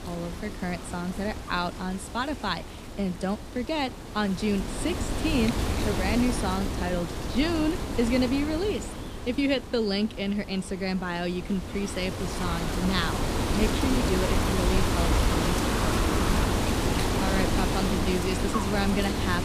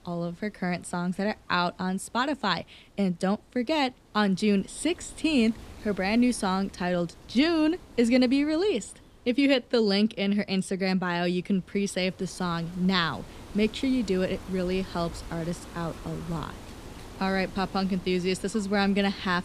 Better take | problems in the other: second | wind noise on the microphone; heavy; 1 dB above the speech; occasional gusts in the second

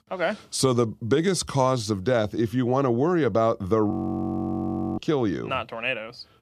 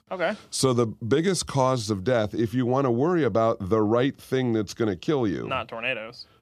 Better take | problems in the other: second | audio freezing; at 4 s for 1 s

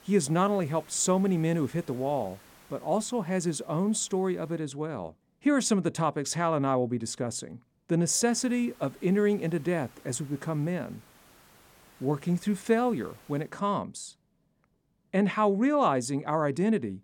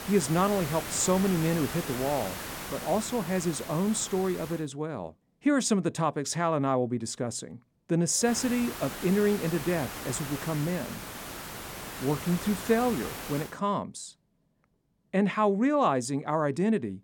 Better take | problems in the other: first | hiss; loud; until 4.5 s and from 8.5 to 13 s; 9 dB below the speech; faint in the first

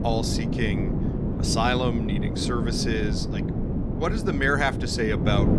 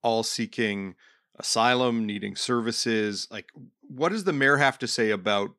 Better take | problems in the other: second | wind noise on the microphone; heavy; 7 dB below the speech

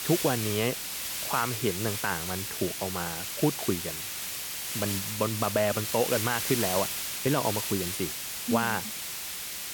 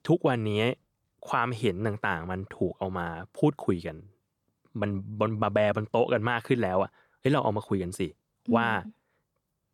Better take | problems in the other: second | hiss; loud; throughout; 1 dB below the speech

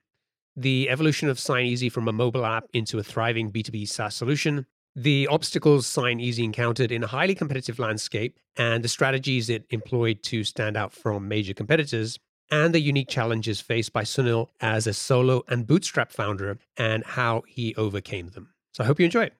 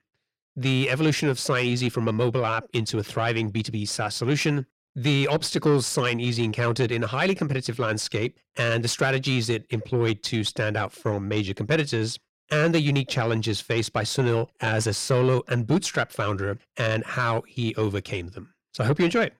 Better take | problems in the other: first | distortion; slight; 10 dB below the speech

